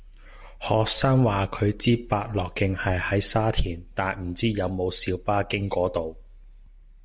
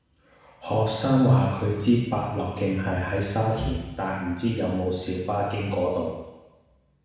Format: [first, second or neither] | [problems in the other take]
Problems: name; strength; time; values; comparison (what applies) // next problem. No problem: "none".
first | room echo; dies away in 1.1 s